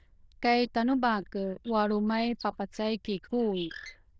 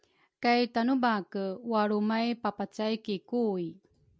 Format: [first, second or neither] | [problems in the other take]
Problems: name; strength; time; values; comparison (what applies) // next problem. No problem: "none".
second | noise reduction (neural diffusion model UNIVERSE++)